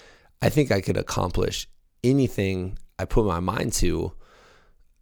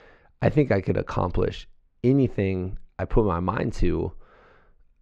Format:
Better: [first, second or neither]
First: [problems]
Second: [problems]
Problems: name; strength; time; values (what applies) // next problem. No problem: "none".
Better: first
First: none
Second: muffled; very; fading above 2 kHz